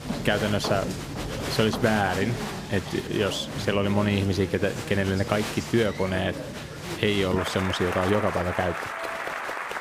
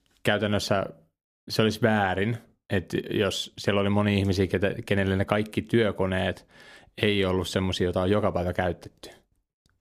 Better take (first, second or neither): second